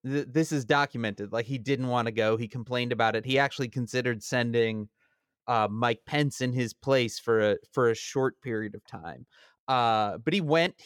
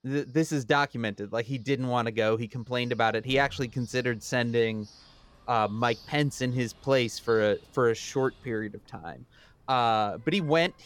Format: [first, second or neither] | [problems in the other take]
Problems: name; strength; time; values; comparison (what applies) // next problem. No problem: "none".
first | animal sounds; faint; throughout; 25 dB below the speech